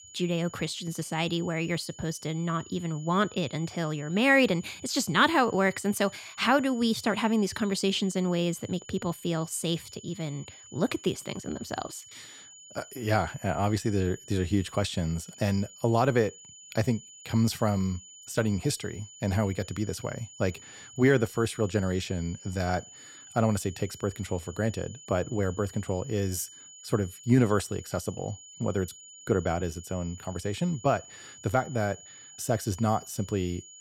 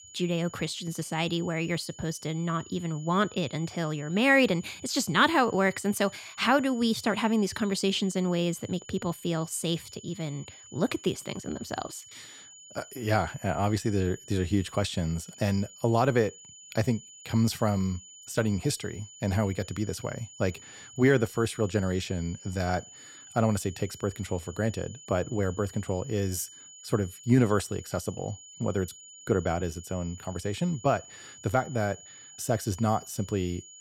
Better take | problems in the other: neither | high-pitched whine; noticeable; throughout; 7 kHz, 20 dB below the speech; the same in both

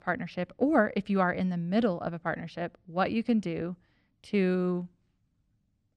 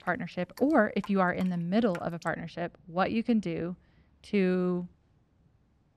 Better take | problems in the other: first | rain or running water; faint; throughout; 25 dB below the speech

